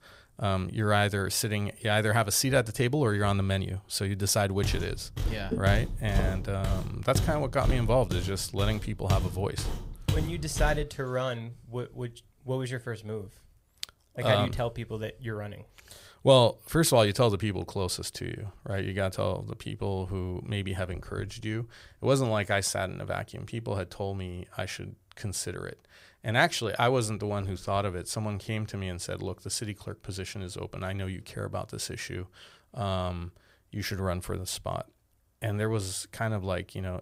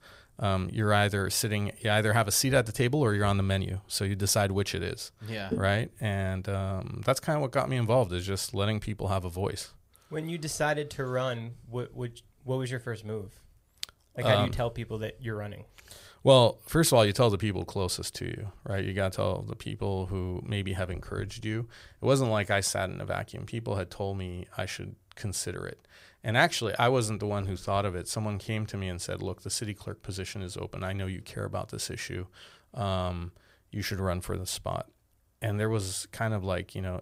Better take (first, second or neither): second